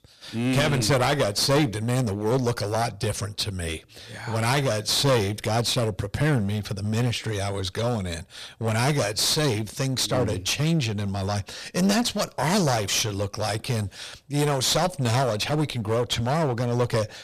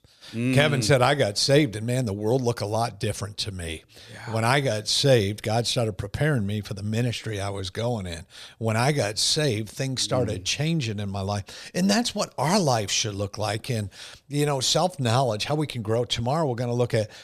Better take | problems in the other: second | distortion; heavy; 14% of the sound clipped

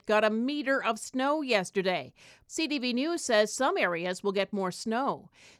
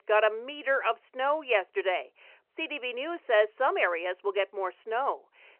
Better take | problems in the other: first | phone-call audio; nothing above 3 kHz

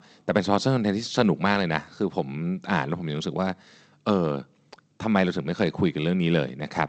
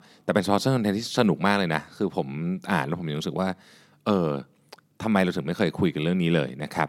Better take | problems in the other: second | garbled, watery; slightly; nothing above 8 kHz

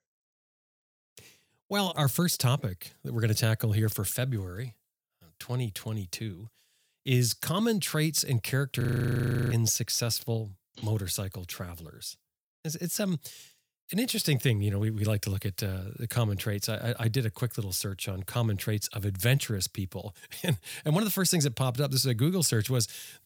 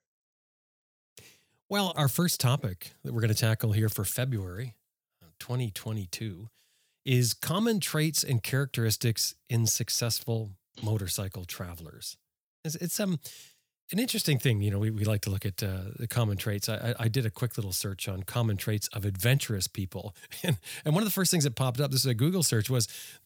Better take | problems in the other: second | audio freezing; at 9 s for 0.5 s

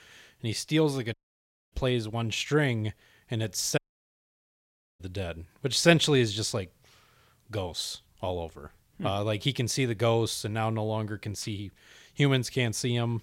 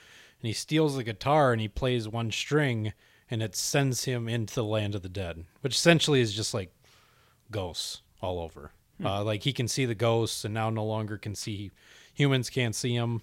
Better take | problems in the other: second | audio cutting out; at 1 s for 0.5 s and at 4 s for 1 s

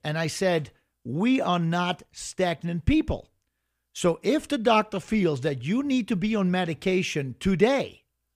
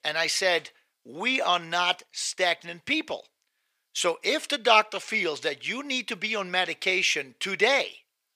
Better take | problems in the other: first | thin; very; fading below 600 Hz

